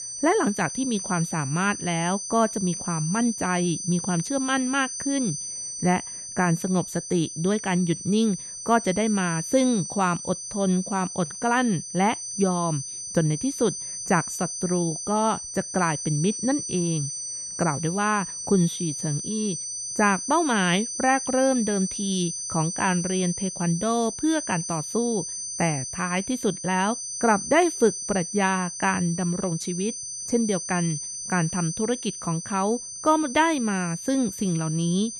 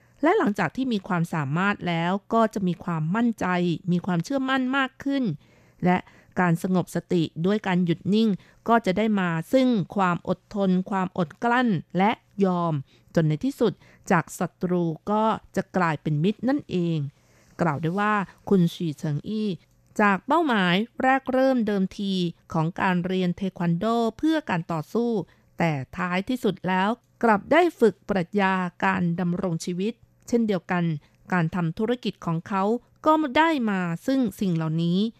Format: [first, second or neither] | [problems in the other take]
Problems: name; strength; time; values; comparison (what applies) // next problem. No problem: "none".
second | high-pitched whine; loud; throughout; 6 kHz, 6 dB below the speech